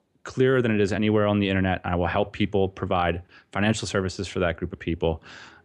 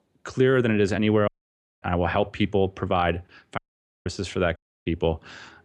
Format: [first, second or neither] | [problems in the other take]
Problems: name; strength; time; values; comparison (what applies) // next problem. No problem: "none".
first | audio cutting out; at 1.5 s for 0.5 s, at 3.5 s and at 4.5 s